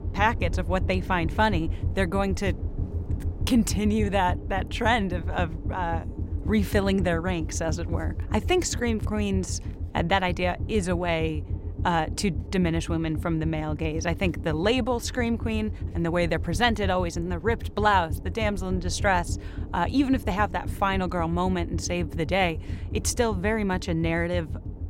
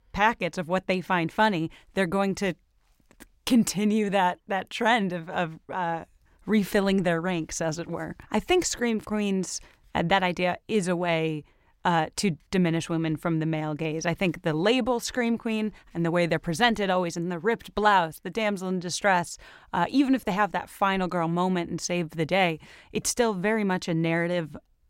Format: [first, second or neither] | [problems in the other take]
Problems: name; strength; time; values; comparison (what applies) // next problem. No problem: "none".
second | low rumble; noticeable; throughout; 20 dB below the speech